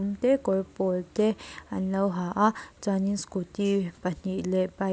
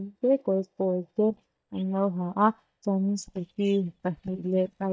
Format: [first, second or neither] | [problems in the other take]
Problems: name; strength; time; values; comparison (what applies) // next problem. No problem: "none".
first | noise reduction (neural mask model DeepFilterNet 3)